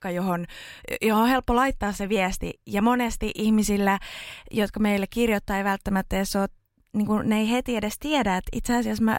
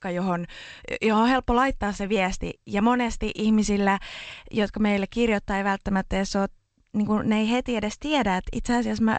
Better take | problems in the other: first | garbled, watery; slightly; nothing above 8 kHz

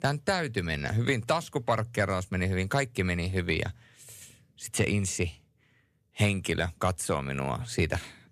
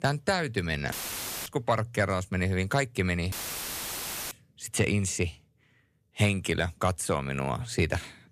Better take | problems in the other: first | audio cutting out; filled with static; at 1 s for 0.5 s and at 3.5 s for 1 s

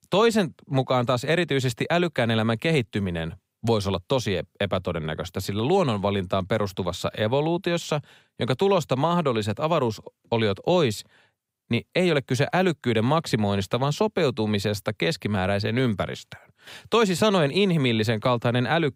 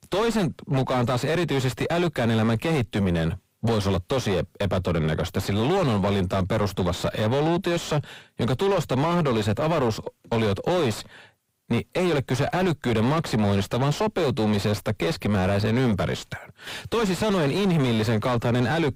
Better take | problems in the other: first | distortion; heavy; 5 dB below the speech

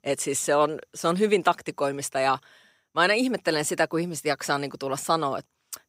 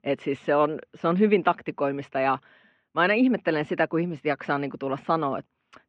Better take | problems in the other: first | muffled; very; fading above 2.5 kHz

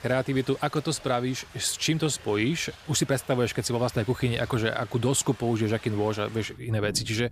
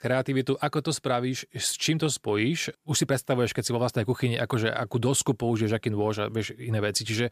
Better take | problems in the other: second | rain or running water; noticeable; throughout; 20 dB below the speech

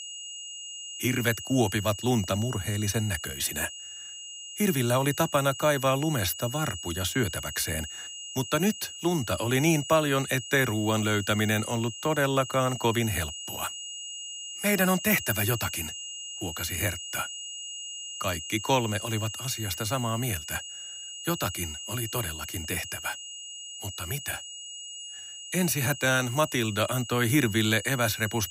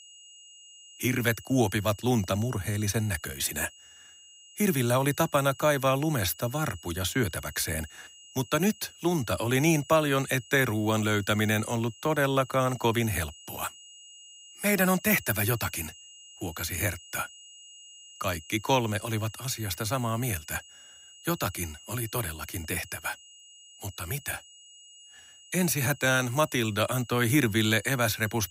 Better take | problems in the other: second | high-pitched whine; loud; throughout; 3 kHz, 9 dB below the speech; faint in the second

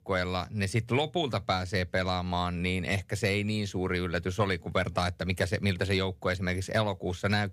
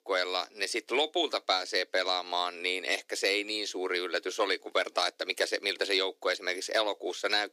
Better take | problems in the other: first | thin; very; fading below 300 Hz

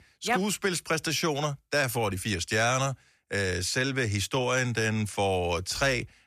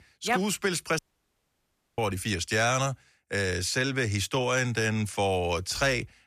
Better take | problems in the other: first | audio cutting out; at 1 s for 1 s

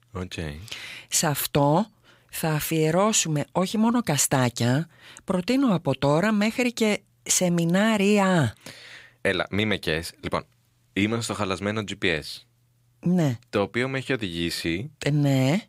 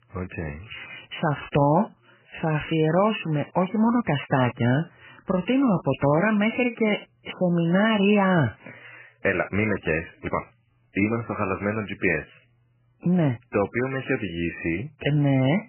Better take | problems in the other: first | garbled, watery; badly; nothing above 3 kHz

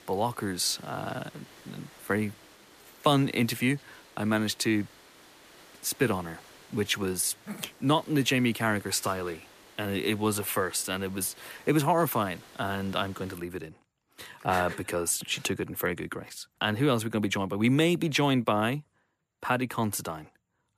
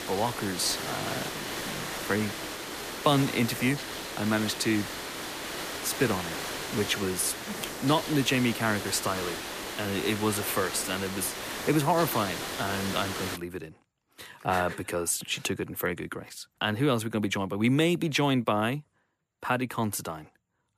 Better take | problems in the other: first | hiss; loud; until 13 s; 6 dB below the speech; faint in the first

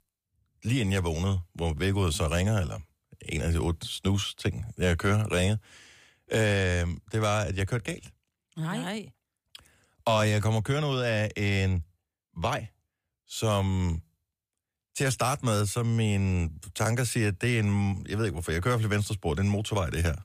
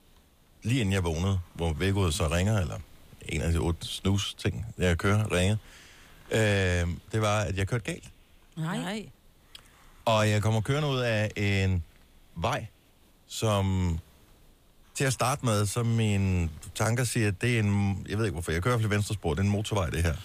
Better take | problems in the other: first | hiss; faint; throughout; 30 dB below the speech

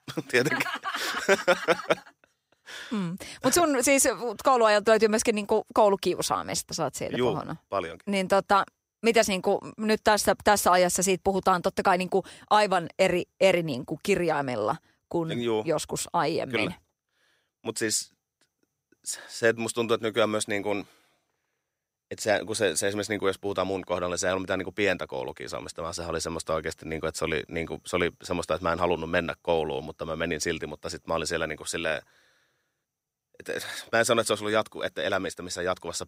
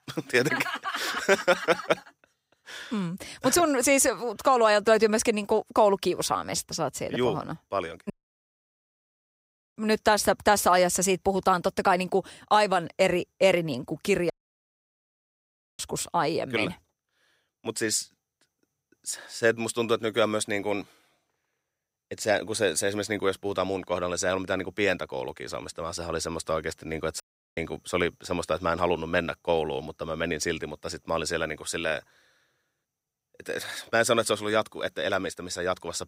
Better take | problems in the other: first | audio cutting out; at 8 s for 1.5 s, at 14 s for 1.5 s and at 27 s

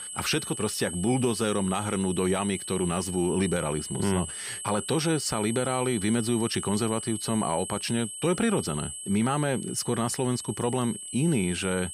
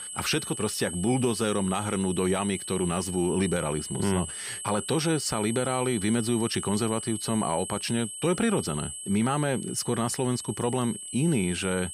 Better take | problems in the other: neither | high-pitched whine; loud; throughout; 8 kHz, 7 dB below the speech; the same in both

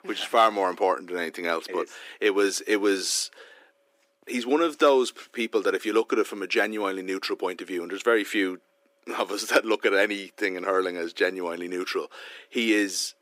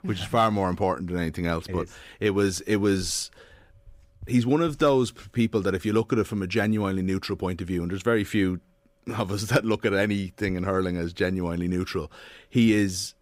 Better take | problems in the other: second | thin; somewhat; fading below 300 Hz

